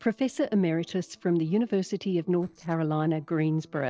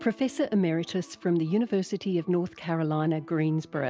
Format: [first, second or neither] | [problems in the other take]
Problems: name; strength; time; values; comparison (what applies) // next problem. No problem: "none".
second | noise reduction (neural separator model SepFormer DNS4)